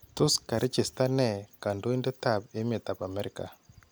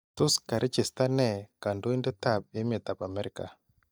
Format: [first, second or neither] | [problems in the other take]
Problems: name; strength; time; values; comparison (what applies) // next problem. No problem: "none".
first | noise reduction (neural mask model DeepFilterNet 3)